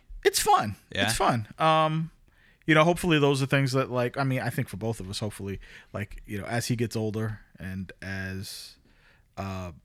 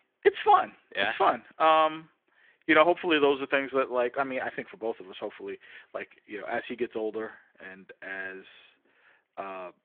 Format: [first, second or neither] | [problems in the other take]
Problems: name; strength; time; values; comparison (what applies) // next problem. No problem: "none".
first | phone-call audio; nothing above 3.5 kHz